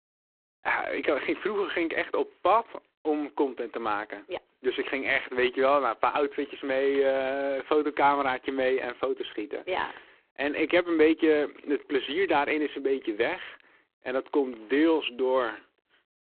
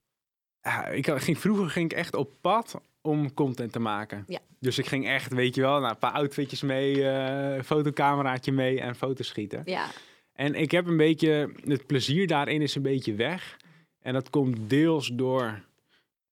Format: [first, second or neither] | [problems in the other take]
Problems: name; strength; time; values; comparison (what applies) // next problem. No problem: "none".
second | phone-call audio; poor line